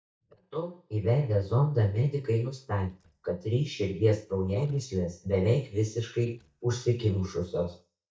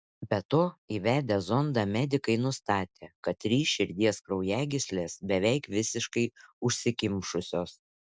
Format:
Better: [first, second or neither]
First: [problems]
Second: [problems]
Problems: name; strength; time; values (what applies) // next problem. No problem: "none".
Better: second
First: noise reduction (neural mask model DeepFilterNet 3)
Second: none